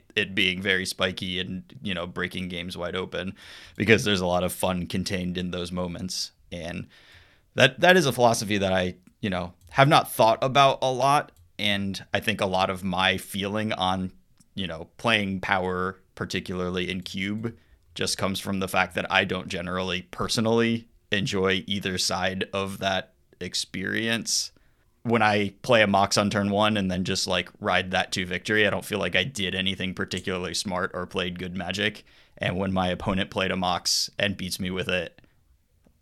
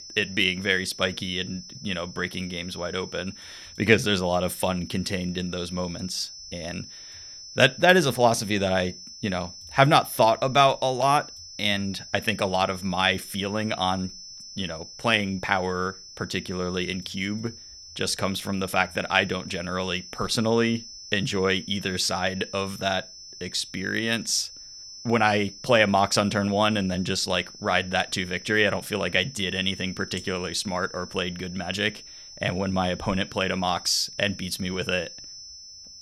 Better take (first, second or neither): first